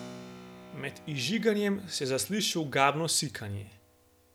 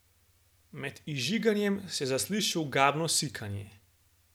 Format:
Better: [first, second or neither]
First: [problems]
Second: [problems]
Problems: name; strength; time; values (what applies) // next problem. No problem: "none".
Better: second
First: background sound (Keyboard (musical)); 20 dB below the speech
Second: none